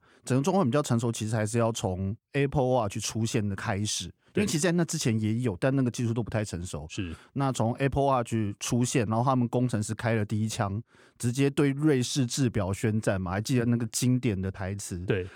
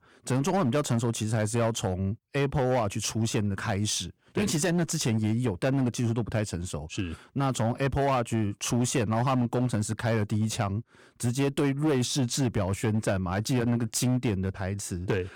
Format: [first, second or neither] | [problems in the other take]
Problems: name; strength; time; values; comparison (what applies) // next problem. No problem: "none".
first | distortion; slight; 11% of the sound clipped